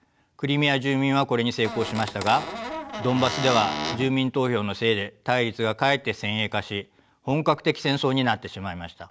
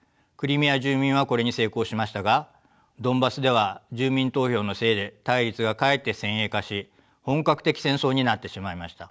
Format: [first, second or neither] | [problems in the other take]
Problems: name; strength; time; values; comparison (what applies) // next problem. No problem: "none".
second | background sound (Squeak / Cupboard open or close); 6 dB below the speech